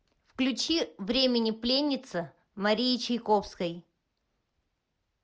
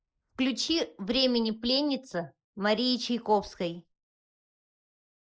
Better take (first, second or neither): first